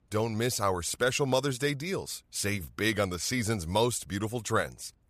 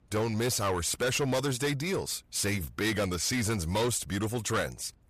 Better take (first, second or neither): first